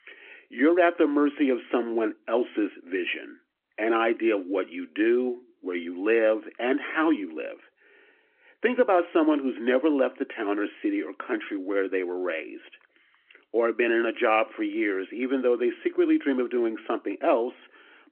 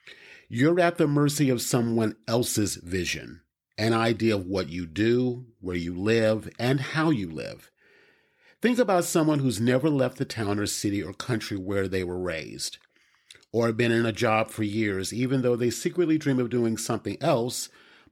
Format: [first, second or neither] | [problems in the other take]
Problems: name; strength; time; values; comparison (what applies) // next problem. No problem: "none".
second | phone-call audio